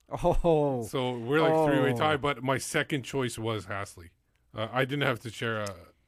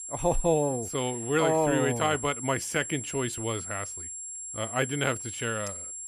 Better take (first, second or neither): first